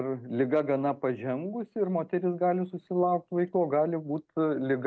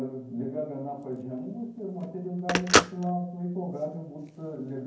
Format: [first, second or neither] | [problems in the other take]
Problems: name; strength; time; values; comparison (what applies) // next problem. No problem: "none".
first | background sound (Telephone); 1 dB above the speech // room echo; dies away in 0.9 s